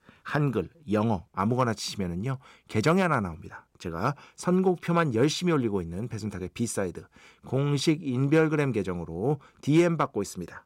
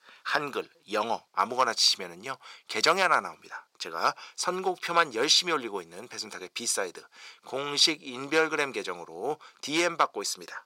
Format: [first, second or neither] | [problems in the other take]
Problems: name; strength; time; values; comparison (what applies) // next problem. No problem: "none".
first | thin; very; fading below 650 Hz